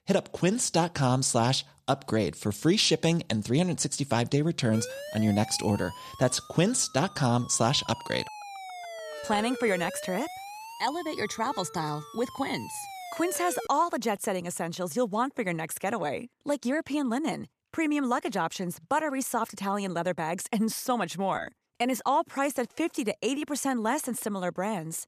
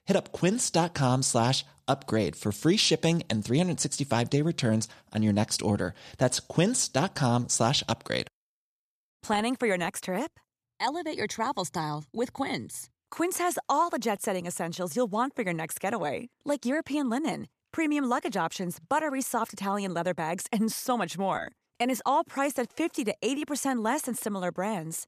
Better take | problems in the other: second | siren; noticeable; from 4.5 to 14 s; peak 9 dB below the speech

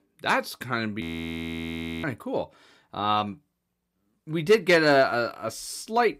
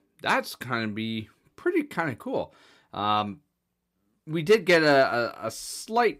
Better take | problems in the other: second | audio freezing; at 1 s for 1 s

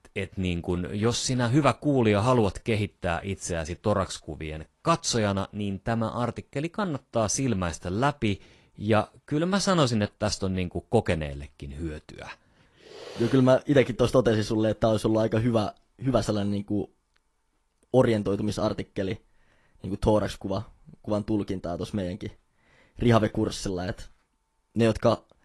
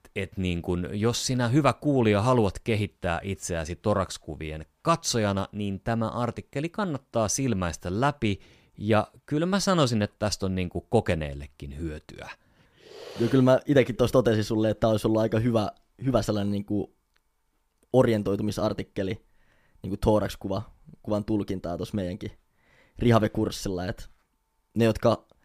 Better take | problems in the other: second | garbled, watery; slightly

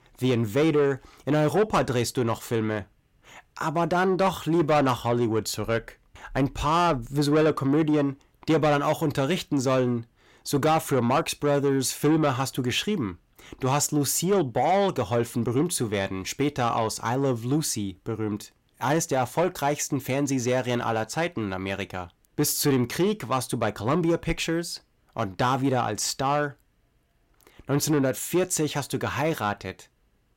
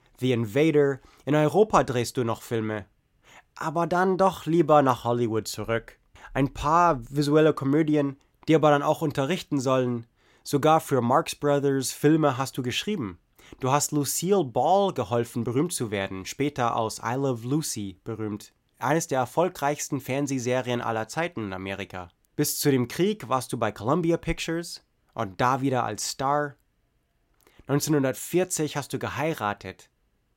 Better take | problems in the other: second | distortion; slight; 10 dB below the speech

